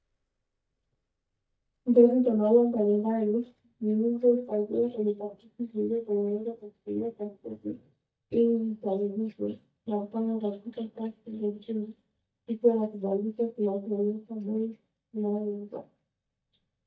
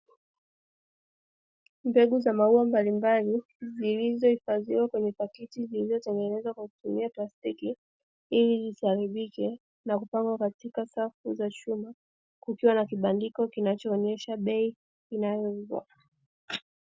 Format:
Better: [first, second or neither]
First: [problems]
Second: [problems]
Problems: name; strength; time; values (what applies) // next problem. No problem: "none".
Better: second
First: noise reduction (neural mask model DeepFilterNet 3)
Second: none